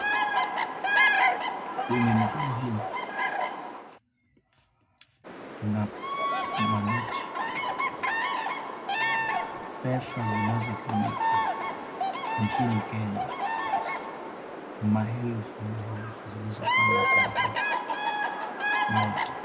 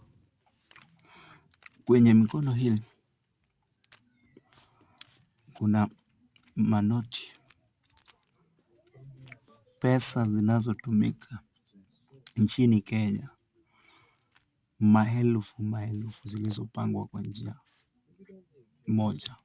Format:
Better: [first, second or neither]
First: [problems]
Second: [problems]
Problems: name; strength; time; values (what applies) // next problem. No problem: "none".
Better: second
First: background sound (Bird vocalization, bird call, bird song); 5 dB above the speech // room echo; dies away in 0.3 s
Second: none